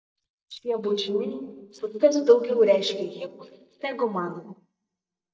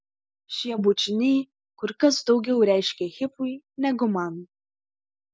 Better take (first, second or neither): second